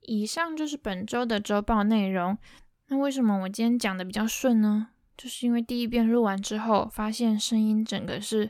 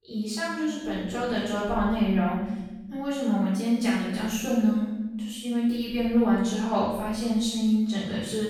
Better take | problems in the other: first | off-mic speech; far // room echo; strong; dies away in 1.2 s

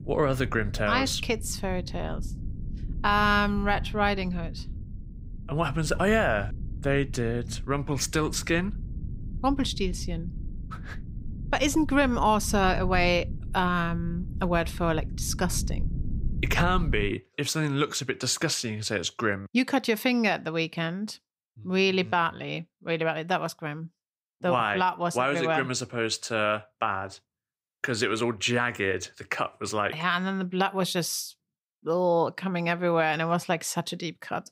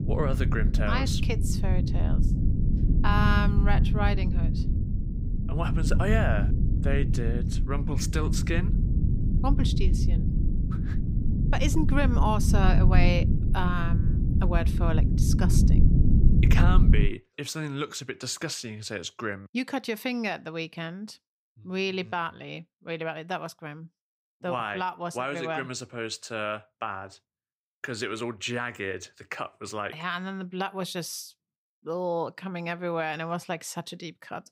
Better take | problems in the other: first | low rumble; loud; until 17 s; 6 dB below the speech; faint in the first

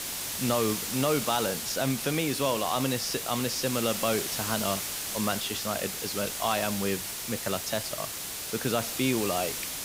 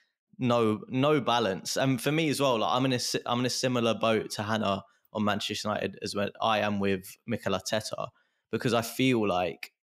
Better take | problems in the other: second | hiss; loud; throughout; 2 dB below the speech

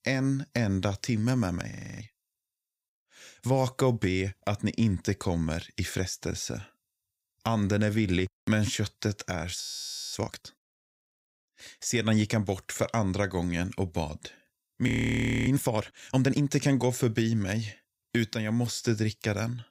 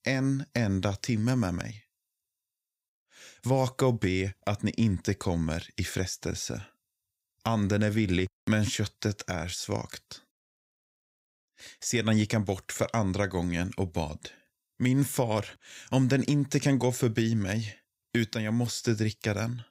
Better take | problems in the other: second | audio freezing; at 1.5 s, at 9.5 s for 0.5 s and at 15 s for 0.5 s

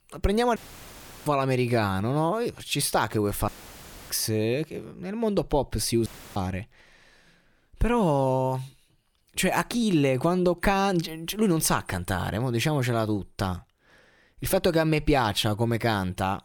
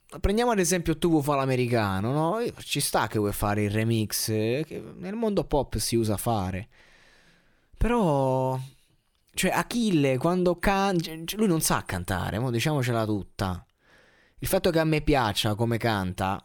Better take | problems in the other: second | audio cutting out; filled with static; at 0.5 s for 0.5 s, at 3.5 s for 0.5 s and at 6 s

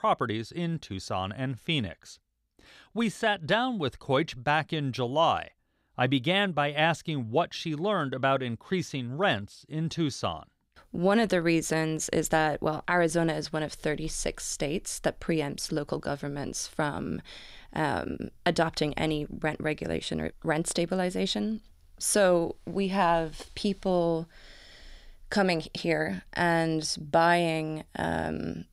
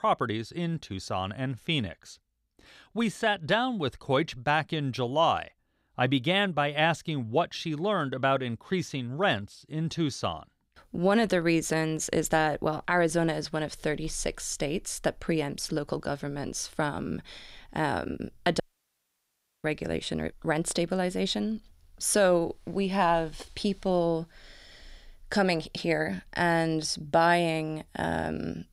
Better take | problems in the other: first | audio cutting out; at 19 s for 1 s

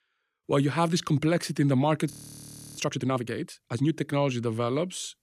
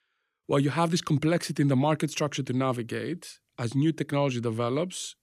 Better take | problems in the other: second | audio freezing; at 2 s for 0.5 s

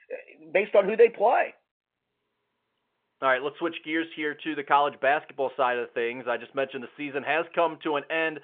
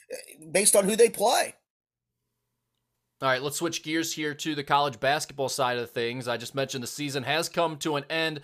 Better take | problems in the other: second | phone-call audio

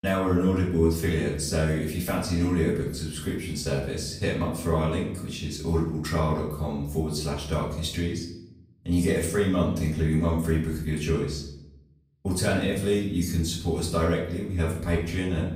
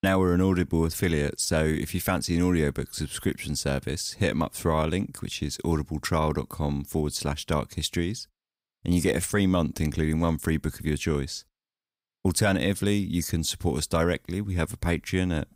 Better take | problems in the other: second | off-mic speech; far // room echo; noticeable; dies away in 0.7 s

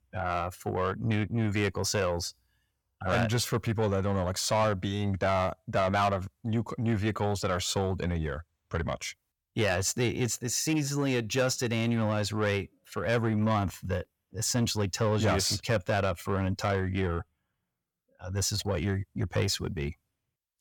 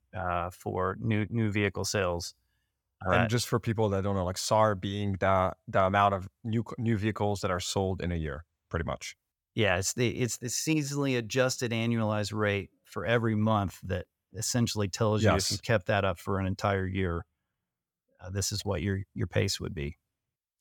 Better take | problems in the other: second | distortion; slight; 10 dB below the speech

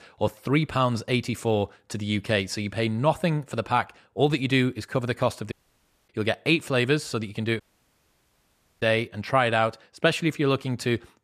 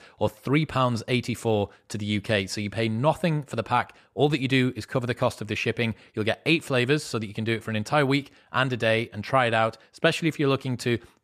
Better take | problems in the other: second | audio cutting out; at 5.5 s for 0.5 s and at 7.5 s for 1 s

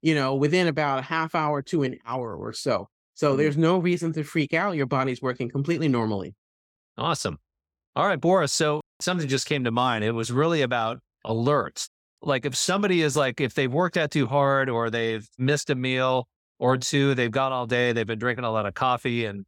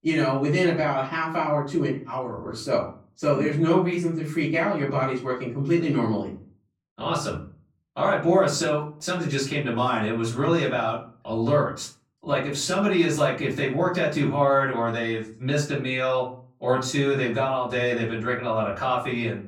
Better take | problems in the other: first | off-mic speech; far // room echo; slight; dies away in 0.4 s

